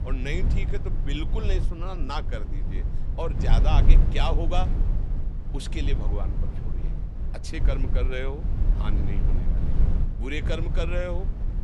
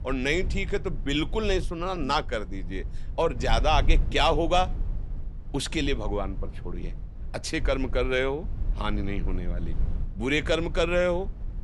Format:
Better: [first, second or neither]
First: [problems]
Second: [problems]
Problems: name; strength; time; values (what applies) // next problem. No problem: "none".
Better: second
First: low rumble; loud; throughout; 8 dB below the speech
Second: low rumble; faint; throughout; 25 dB below the speech